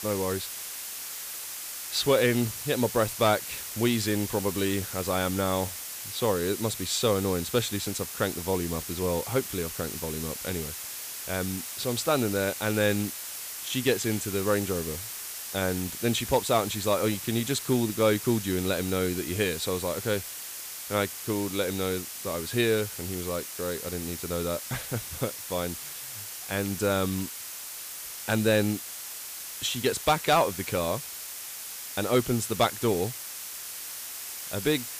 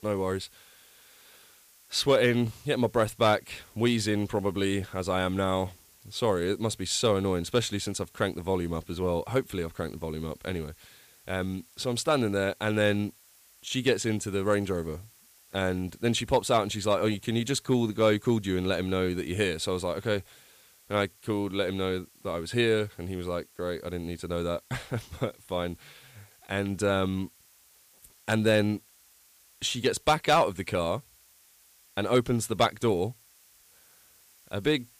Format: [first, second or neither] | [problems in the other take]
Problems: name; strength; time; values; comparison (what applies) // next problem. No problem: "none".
second | hiss; loud; throughout; 7 dB below the speech; faint in the second